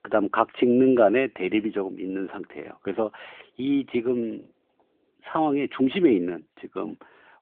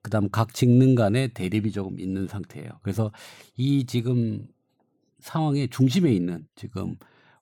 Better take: second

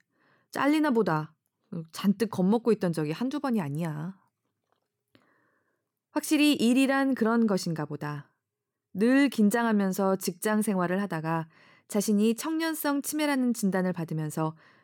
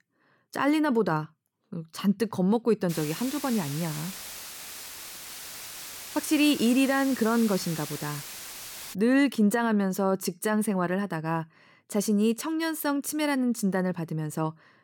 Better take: first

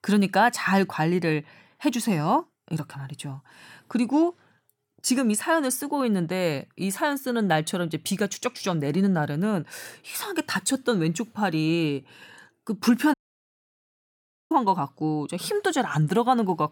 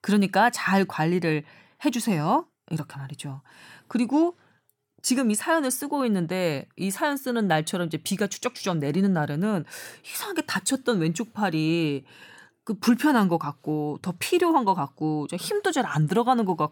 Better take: second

